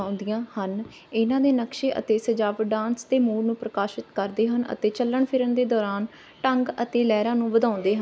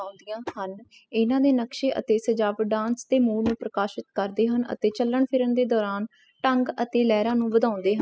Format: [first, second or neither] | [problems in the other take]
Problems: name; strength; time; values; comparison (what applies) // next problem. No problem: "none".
first | noise reduction (classical method spectral subtraction)